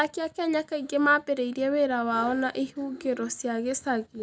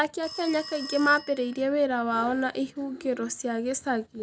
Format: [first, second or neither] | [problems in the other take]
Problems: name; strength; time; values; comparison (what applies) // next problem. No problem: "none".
first | background sound (Telephone); 18 dB below the speech